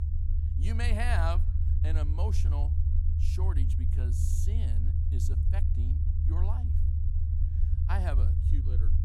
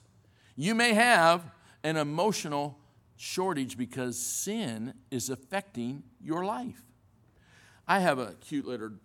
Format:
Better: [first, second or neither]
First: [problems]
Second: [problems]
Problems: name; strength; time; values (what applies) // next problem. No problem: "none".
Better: second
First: low rumble; loud; throughout; 5 dB below the speech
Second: none